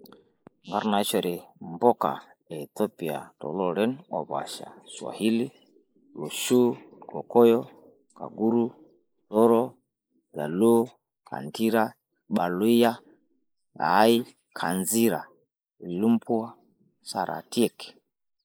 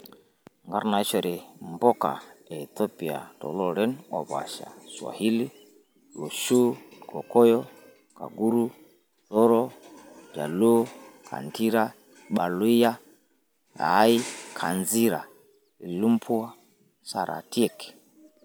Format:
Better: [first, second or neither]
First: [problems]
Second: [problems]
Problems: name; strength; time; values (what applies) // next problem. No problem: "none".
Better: second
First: noise reduction (neural mask model Resemble Enhance denoiser)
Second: none